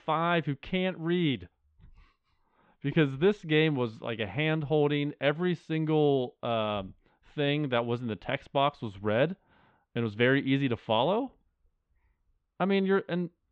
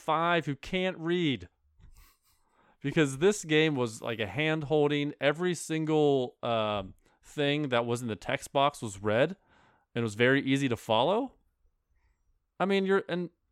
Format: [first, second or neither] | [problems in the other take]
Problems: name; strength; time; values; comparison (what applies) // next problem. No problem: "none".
second | muffled; very; fading above 3.5 kHz